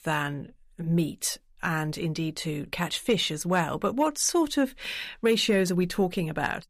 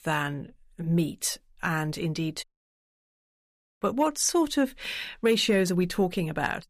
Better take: first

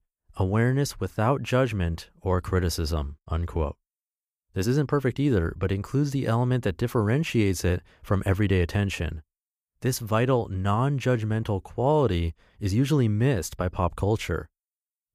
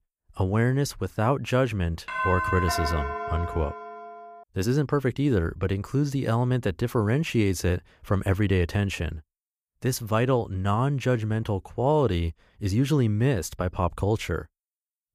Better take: first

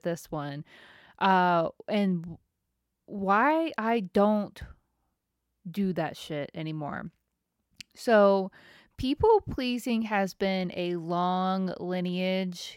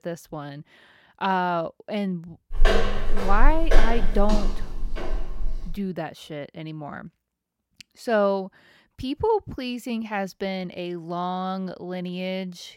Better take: first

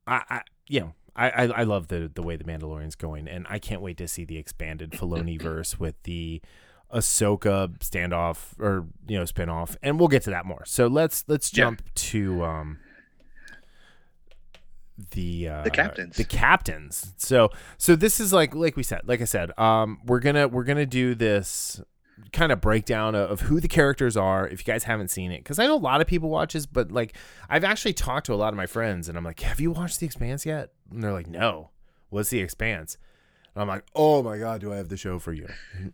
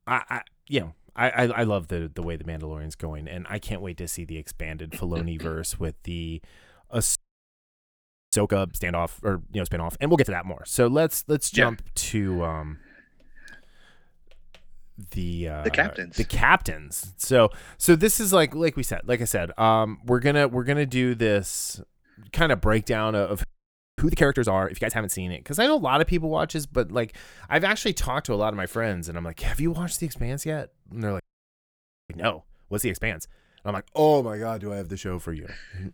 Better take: first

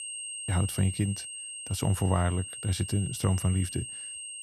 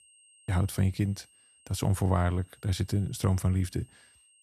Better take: second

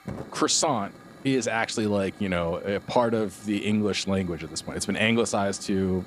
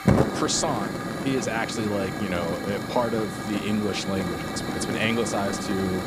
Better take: first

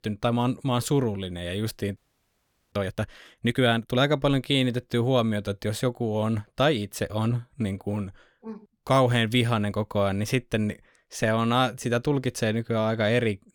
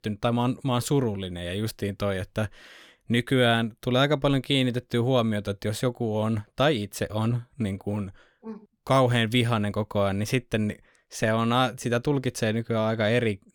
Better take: second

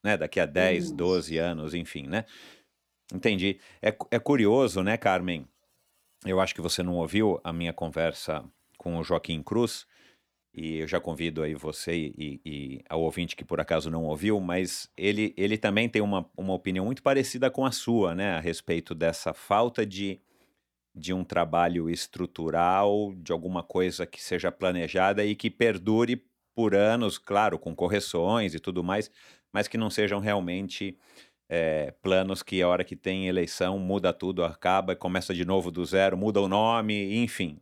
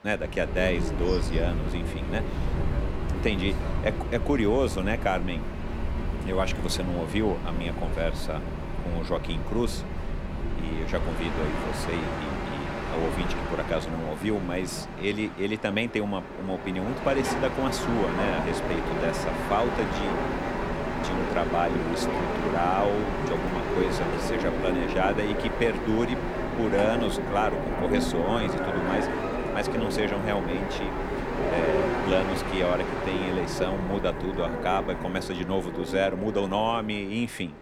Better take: first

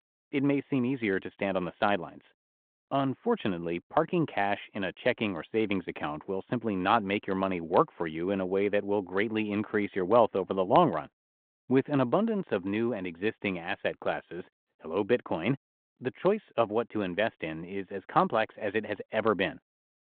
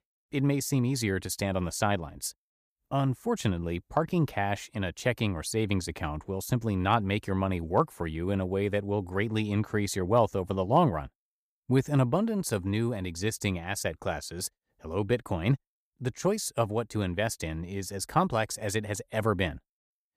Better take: second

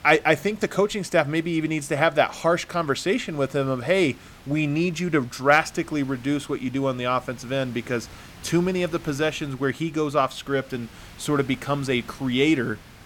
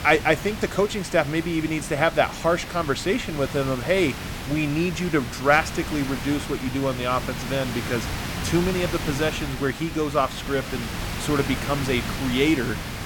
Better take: first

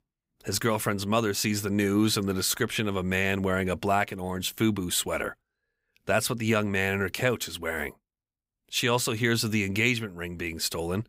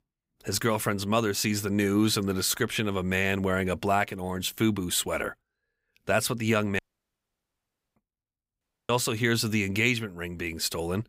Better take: first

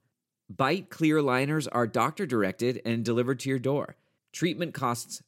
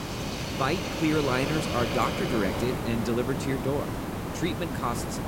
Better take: first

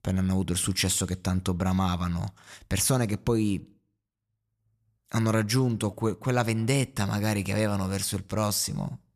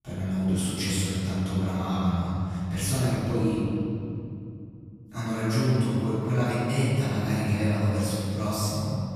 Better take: first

